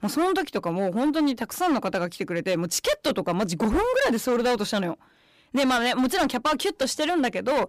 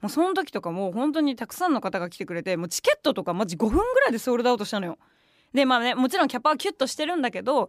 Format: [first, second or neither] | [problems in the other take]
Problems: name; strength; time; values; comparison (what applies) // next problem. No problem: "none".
second | distortion; heavy; 15% of the sound clipped